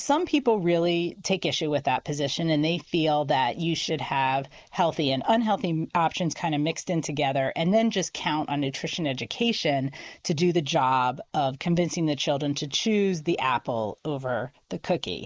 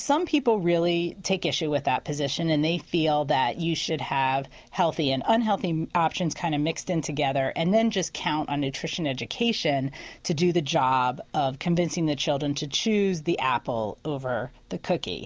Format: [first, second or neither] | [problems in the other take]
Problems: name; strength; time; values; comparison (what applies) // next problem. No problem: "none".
second | noise reduction (neural mask model Resemble Enhance denoiser)